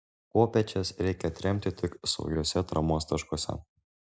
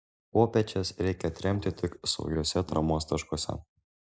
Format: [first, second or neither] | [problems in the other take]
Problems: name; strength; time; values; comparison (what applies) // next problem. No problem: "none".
first | noise reduction (neural mask model Resemble Enhance denoiser)